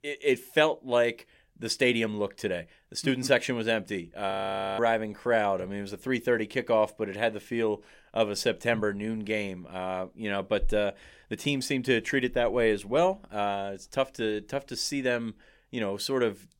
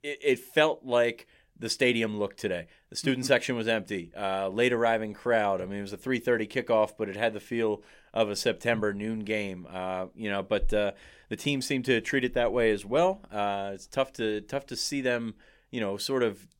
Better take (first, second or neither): second